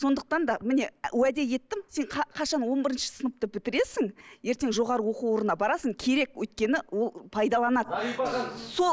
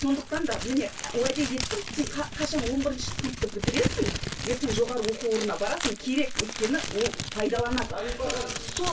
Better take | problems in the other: first | background sound (Crumpling, crinkling); 5 dB below the speech // room echo; dies away in 0.2 s

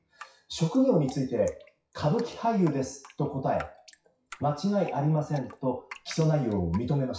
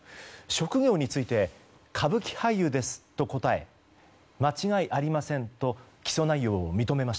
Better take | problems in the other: second | noise reduction (classical method WPE with log-MMSE)

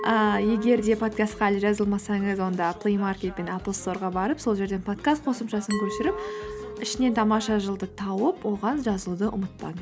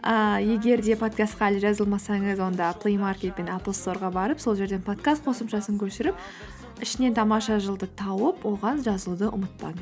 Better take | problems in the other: second | background sound (Glass); 14 dB below the speech

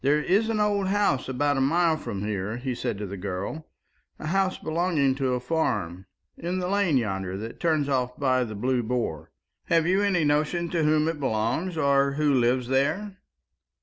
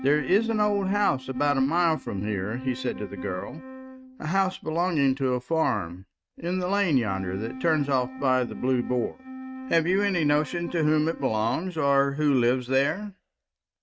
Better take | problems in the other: first | noise reduction (neural mask model RNNoise)

